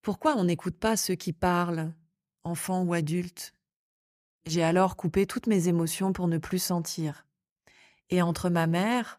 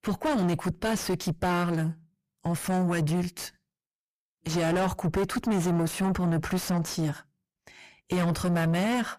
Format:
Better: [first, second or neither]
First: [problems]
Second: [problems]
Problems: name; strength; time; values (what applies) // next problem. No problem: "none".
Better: first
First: none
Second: distortion; heavy; 5 dB below the speech